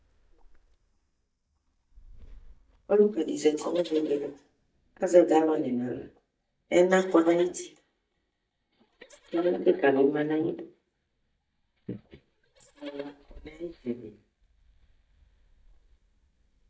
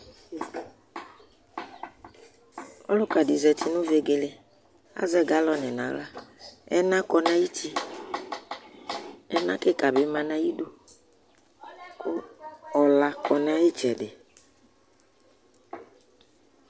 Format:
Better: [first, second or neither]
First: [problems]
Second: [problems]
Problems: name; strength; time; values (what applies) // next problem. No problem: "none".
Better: second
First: noise reduction (neural mask model DeepFilterNet 3)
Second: none